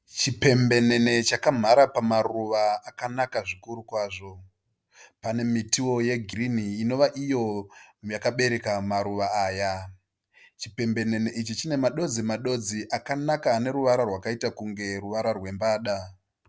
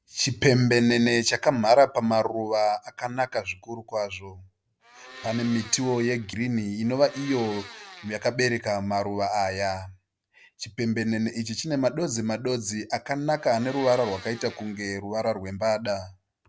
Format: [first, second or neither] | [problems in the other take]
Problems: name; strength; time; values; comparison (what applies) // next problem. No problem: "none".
first | background sound (Domestic sounds, home sounds); 18 dB below the speech